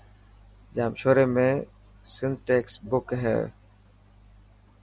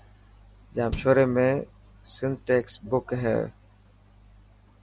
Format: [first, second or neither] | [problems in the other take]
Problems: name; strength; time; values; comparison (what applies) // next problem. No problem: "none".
first | background sound (Bass drum); 15 dB below the speech